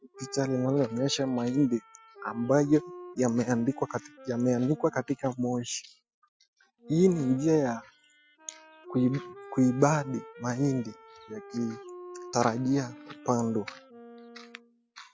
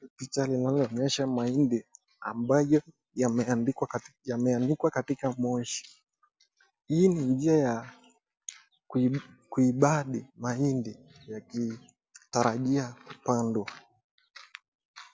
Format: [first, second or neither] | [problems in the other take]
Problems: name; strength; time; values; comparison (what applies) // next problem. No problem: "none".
second | noise reduction (classical method spectral subtraction)